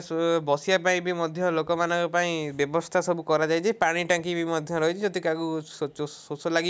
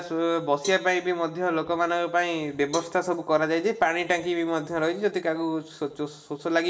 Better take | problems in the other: first | background sound (Cowbell); 20 dB below the speech // room echo; dies away in 0.7 s

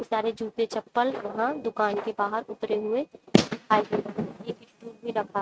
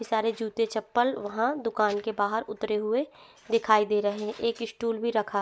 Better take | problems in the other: second | noise reduction (neural mask model RNNoise)

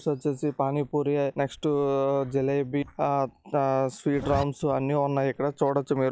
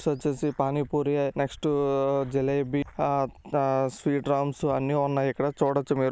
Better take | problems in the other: second | noise reduction (classical method log-MMSE)

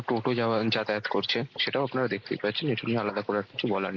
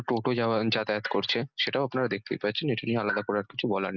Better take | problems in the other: second | noise reduction (neural mask model Resemble Enhance denoiser)

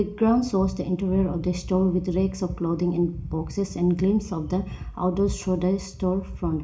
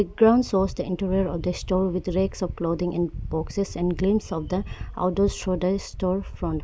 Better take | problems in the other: second | room echo; dies away in 0.4 s

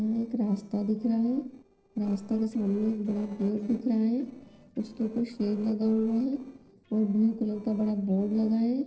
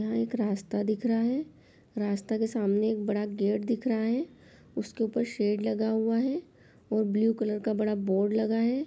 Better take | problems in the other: second | noise reduction (neural separator model SepFormer DNS4)

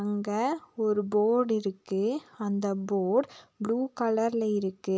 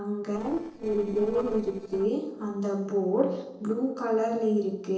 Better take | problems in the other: first | noise reduction (neural separator model SepFormer DNS4)

